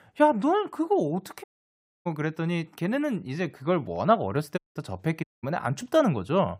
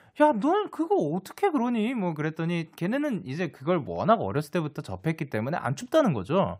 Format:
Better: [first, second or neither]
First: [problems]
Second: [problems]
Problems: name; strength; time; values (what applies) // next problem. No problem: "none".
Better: second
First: audio cutting out; at 1.5 s for 0.5 s, at 4.5 s and at 5 s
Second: none